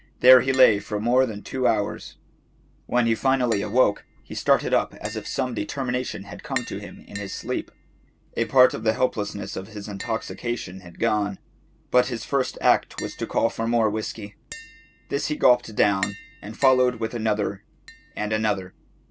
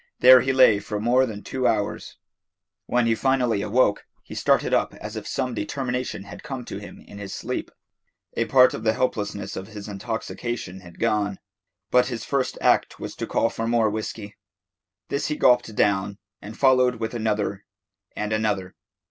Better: second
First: background sound (Tap); 19 dB below the speech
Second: none

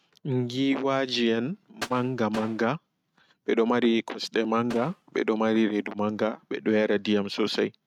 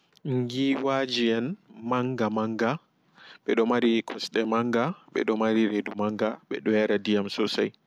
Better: second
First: noise reduction (neural mask model RNNoise)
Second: none

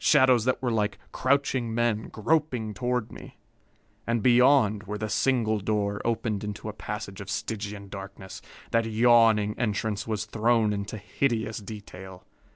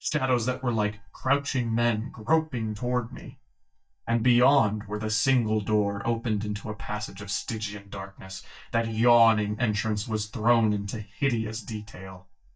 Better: first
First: none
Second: noise reduction (neural mask model DeepFilterNet 3)

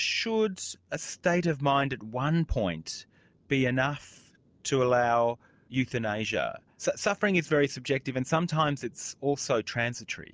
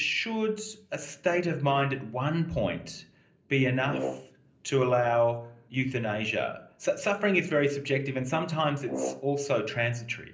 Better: first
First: none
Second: background sound (Brass instrument); 9 dB below the speech // room echo; dies away in 0.5 s

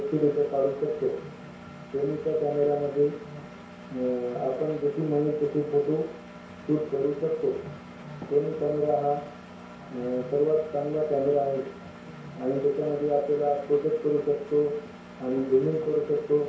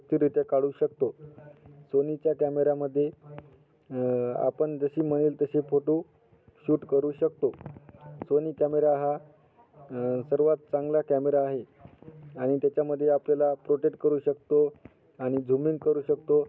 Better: second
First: background sound (Engine); 17 dB below the speech // room echo; dies away in 0.6 s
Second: none

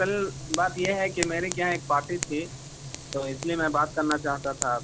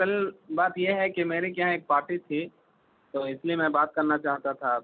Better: second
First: background sound (Frying (food) + Fire); 8 dB below the speech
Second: none

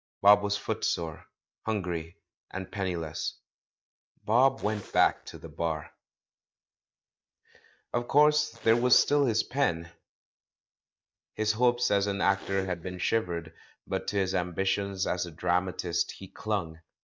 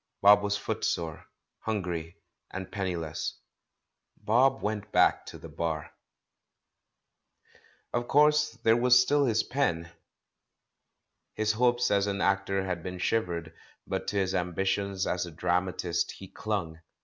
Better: second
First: noise reduction (neural mask model DeepFilterNet 3)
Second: none

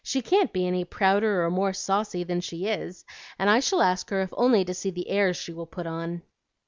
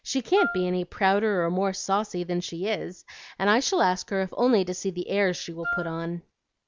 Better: first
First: none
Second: background sound (Wind instrument, woodwind instrument); 7 dB below the speech

